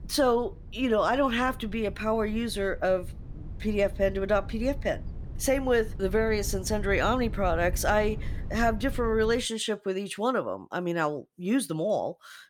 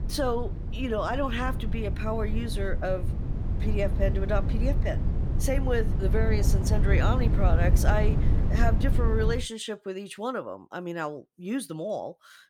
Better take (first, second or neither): first